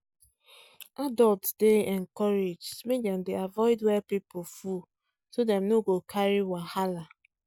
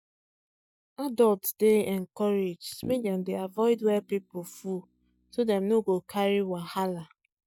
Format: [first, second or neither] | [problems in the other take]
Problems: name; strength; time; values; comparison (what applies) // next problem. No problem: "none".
first | noise reduction (neural mask model DeepFilterNet 3)